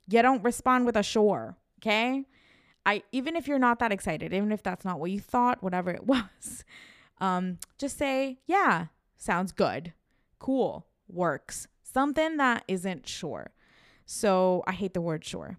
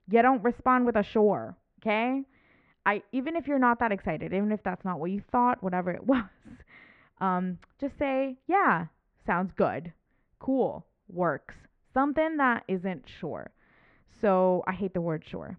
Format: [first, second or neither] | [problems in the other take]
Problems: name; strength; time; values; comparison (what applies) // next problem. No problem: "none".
first | muffled; very; fading above 2 kHz